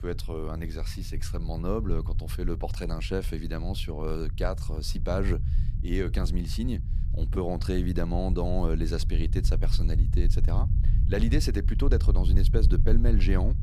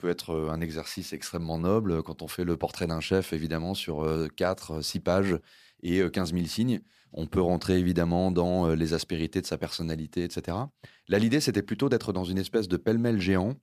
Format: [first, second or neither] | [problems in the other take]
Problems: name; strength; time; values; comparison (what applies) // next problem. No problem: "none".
second | low rumble; noticeable; throughout; 10 dB below the speech